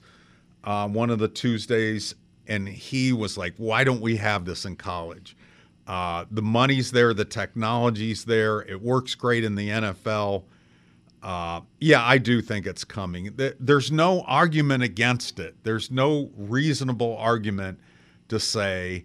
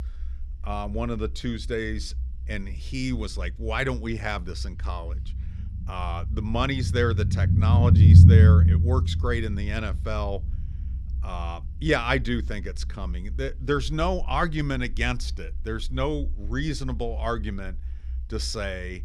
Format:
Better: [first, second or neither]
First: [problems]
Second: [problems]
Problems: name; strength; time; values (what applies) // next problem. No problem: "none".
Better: first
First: none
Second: low rumble; loud; throughout; 3 dB below the speech